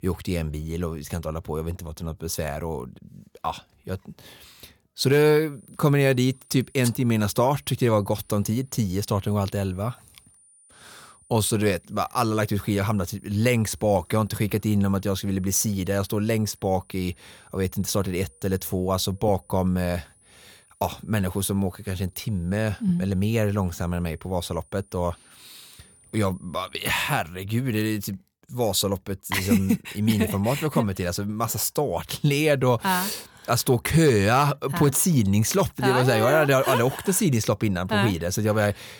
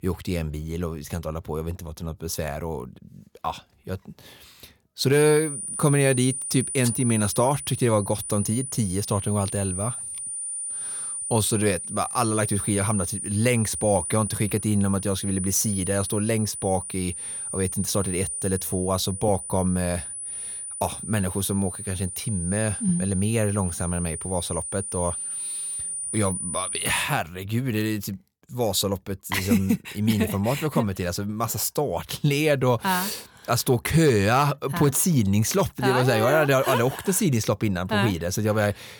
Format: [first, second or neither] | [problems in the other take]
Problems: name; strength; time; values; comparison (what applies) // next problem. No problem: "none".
first | high-pitched whine; loud; from 5 to 27 s; 9.5 kHz, 5 dB below the speech; faint in the first